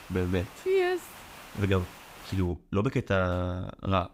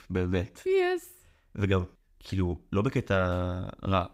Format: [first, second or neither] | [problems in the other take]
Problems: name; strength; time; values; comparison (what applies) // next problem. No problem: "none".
second | hiss; noticeable; until 2.5 s; 15 dB below the speech